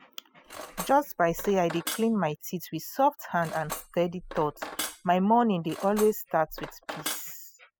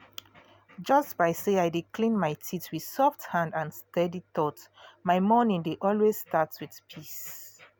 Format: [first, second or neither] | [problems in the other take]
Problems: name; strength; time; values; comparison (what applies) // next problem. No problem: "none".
second | noise reduction (classical method spectral subtraction)